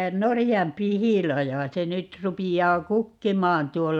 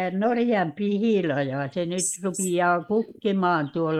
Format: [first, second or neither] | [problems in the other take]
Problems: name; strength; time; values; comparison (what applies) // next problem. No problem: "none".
first | noise reduction (neural mask model Resemble Enhance denoiser)